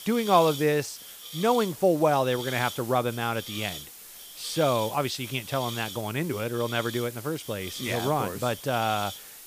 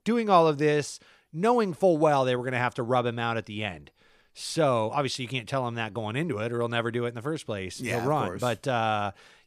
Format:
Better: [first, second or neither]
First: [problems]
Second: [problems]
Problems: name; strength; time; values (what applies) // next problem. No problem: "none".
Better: second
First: hiss; noticeable; throughout; 10 dB below the speech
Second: none